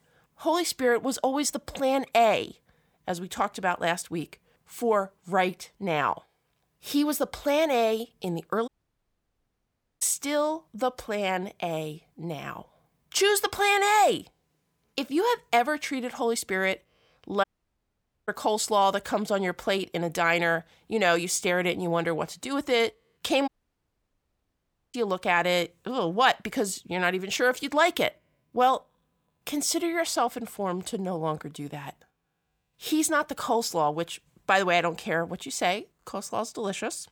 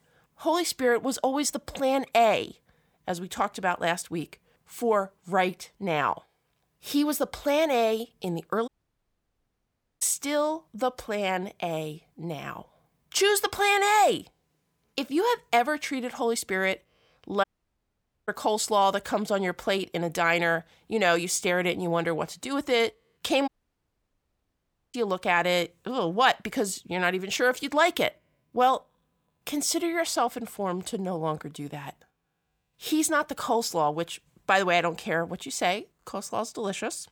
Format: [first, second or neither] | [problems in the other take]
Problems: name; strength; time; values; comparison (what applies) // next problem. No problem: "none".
neither | audio cutting out; at 8.5 s for 1.5 s, at 17 s for 1 s and at 23 s for 1.5 s; the same in both